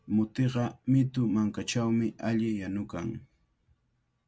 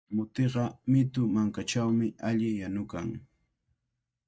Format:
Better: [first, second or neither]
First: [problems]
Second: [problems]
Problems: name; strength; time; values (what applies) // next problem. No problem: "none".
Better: first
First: none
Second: noise reduction (neural mask model DeepFilterNet 3)